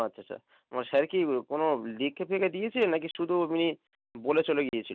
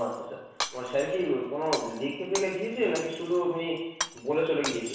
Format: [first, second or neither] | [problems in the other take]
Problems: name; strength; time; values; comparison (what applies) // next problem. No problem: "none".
first | background sound (Shatter); 10 dB below the speech // room echo; dies away in 1.1 s